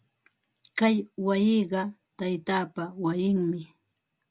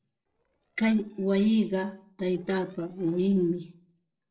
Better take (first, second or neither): first